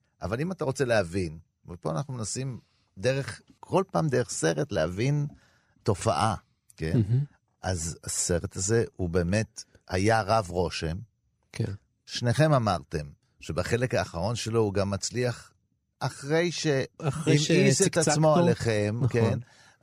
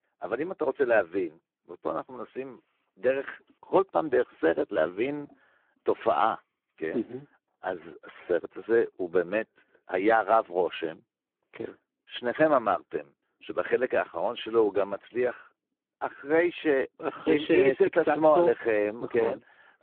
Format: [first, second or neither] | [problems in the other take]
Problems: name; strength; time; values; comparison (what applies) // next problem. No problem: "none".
first | phone-call audio; poor line